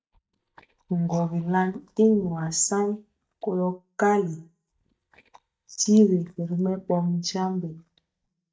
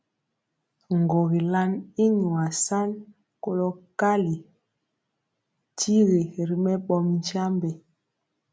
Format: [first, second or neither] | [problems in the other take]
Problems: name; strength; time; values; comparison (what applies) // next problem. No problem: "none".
second | noise reduction (neural mask model DeepFilterNet 3)